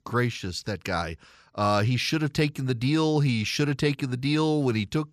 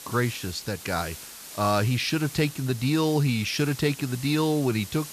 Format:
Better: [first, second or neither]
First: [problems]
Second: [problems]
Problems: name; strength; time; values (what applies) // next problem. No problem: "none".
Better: first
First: none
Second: hiss; noticeable; throughout; 15 dB below the speech